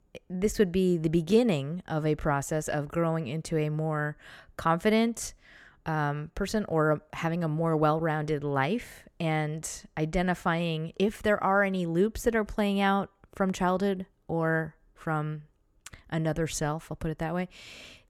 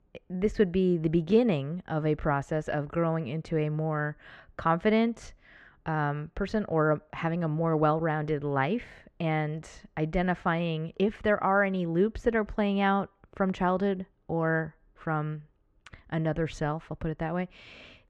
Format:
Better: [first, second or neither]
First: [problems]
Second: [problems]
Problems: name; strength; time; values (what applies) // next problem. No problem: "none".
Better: first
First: none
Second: muffled; slightly; fading above 3 kHz